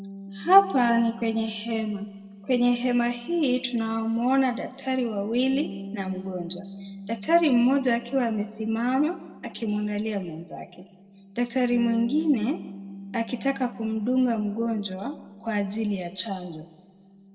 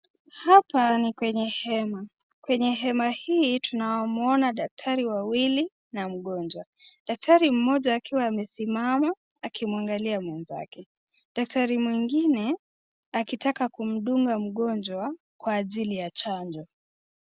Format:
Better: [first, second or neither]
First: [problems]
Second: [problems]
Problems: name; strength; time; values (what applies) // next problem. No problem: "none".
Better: second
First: background sound (Bass guitar); 16 dB below the speech // room echo; dies away in 1 s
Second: none